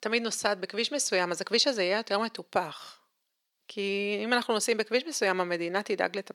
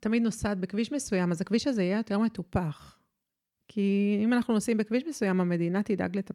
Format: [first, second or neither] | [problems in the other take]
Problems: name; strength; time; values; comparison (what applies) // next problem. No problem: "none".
second | thin; very; fading below 600 Hz